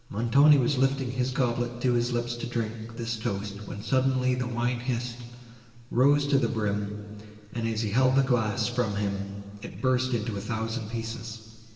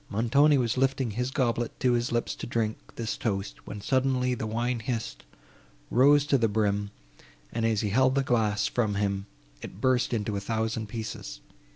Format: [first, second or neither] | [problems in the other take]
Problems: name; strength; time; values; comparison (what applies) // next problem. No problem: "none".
second | room echo; dies away in 2.3 s